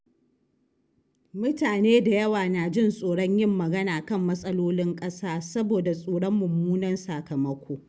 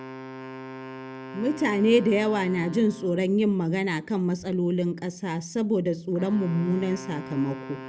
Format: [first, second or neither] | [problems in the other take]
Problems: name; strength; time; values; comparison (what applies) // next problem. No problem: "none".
first | background sound (Wind instrument, woodwind instrument); 15 dB below the speech